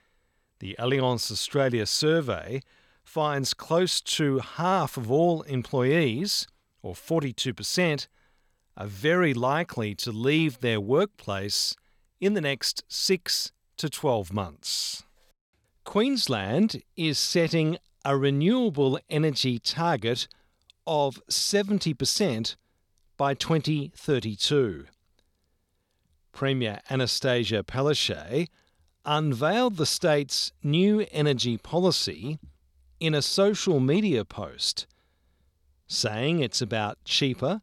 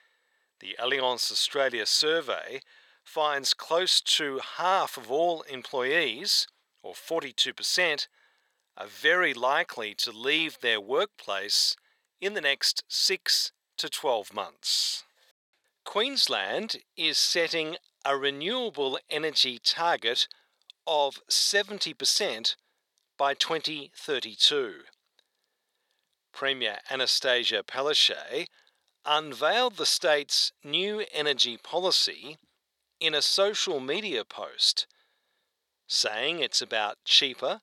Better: first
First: none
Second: thin; very; fading below 600 Hz

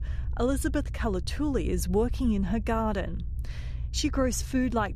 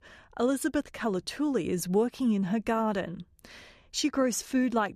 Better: second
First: low rumble; faint; throughout; 20 dB below the speech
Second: none

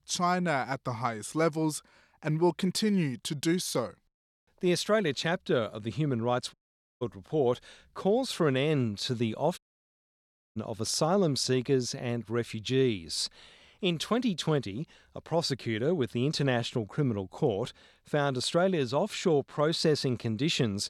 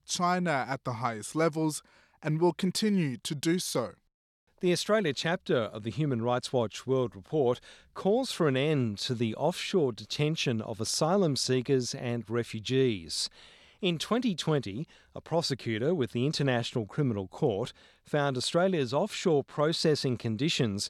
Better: second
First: audio cutting out; at 6.5 s and at 9.5 s for 1 s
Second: none

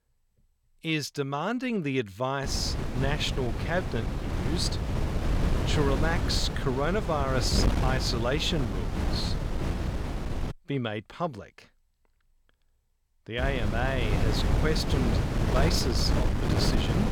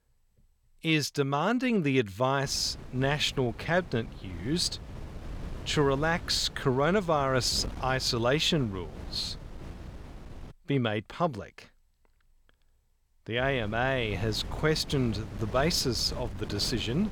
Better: second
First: wind noise on the microphone; heavy; from 2.5 to 11 s and from 13 s on; 4 dB below the speech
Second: wind noise on the microphone; occasional gusts; from 2.5 to 11 s and from 13 s on; 20 dB below the speech

